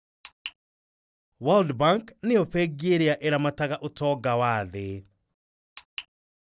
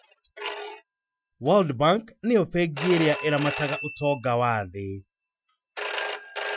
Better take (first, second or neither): first